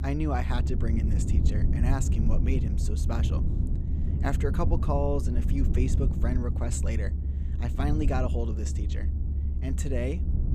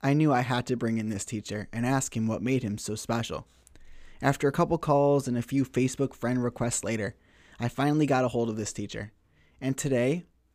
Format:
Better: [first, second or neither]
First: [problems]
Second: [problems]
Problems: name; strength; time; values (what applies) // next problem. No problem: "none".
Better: second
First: low rumble; loud; throughout; 6 dB below the speech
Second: none